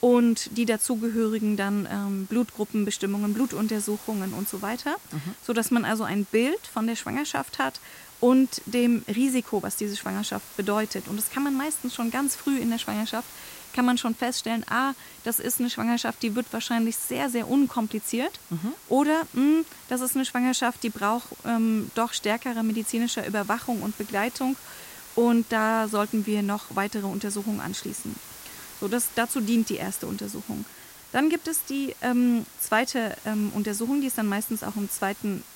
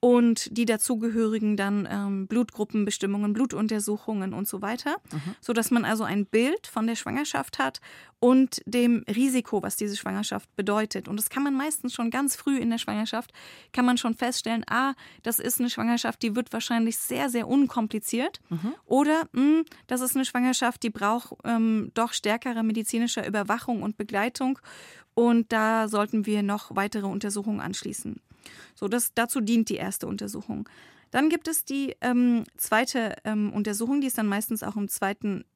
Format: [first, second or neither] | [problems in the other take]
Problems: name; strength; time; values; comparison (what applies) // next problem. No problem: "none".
second | hiss; noticeable; throughout; 15 dB below the speech